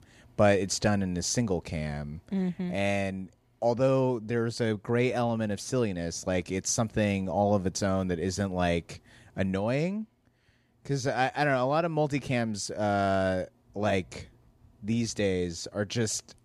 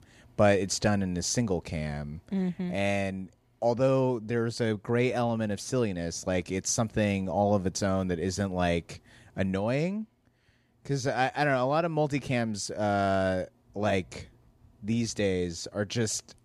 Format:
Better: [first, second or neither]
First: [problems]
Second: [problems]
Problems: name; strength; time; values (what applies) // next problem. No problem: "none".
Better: neither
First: none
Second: none